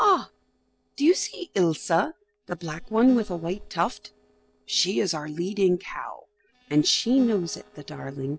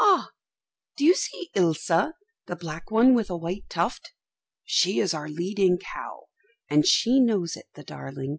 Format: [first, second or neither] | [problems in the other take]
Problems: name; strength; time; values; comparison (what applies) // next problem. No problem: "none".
second | noise reduction (neural separator model SepFormer DNS4)